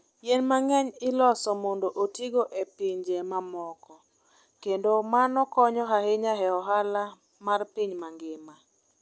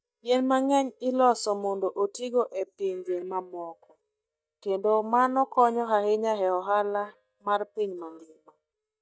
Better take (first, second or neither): first